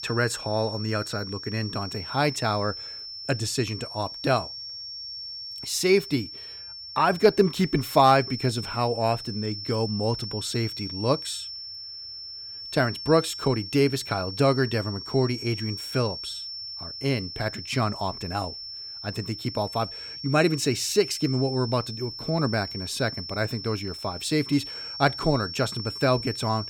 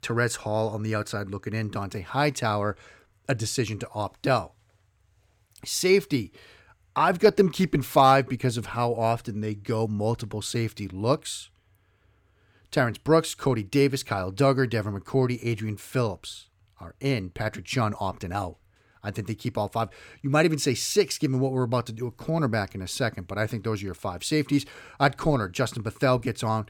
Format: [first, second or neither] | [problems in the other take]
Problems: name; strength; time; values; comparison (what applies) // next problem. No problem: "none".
second | high-pitched whine; loud; throughout; 5.5 kHz, 8 dB below the speech